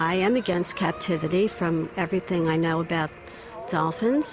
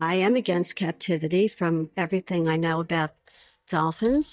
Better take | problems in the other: first | noise reduction (neural mask model DeepFilterNet 3)

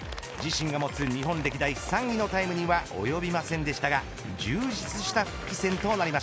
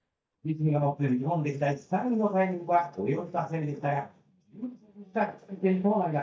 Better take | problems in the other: first | noise reduction (neural mask model DeepFilterNet 3)

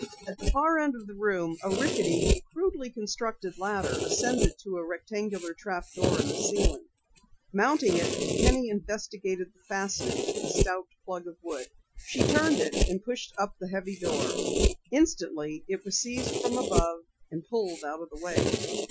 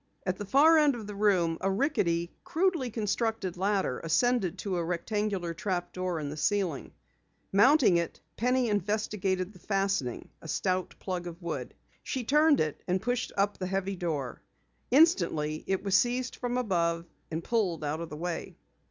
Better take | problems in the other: second | noise reduction (classical method Wiener filter)

